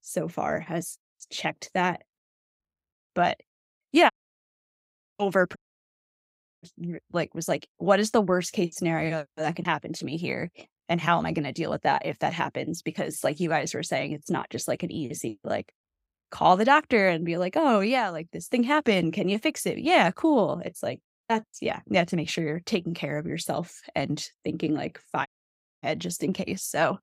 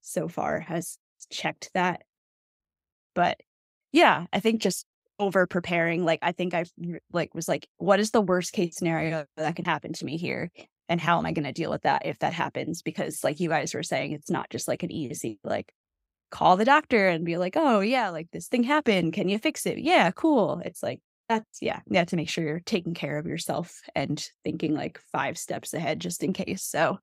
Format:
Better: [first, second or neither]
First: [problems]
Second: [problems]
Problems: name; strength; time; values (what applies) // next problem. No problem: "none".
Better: second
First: audio cutting out; at 4 s for 1 s, at 5.5 s for 1 s and at 25 s for 0.5 s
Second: none